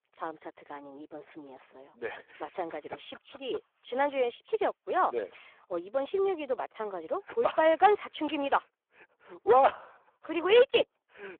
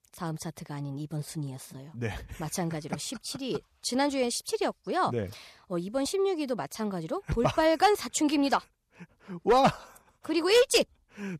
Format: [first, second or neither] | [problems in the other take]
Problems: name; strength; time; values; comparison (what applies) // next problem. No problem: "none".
second | phone-call audio; poor line